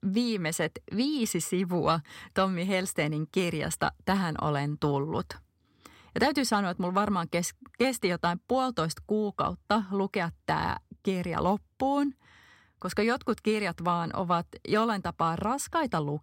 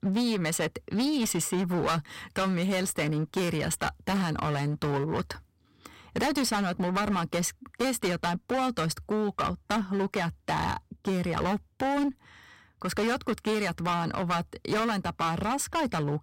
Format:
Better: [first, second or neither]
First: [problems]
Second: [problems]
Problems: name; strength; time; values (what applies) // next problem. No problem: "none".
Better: first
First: none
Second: distortion; heavy; 19% of the sound clipped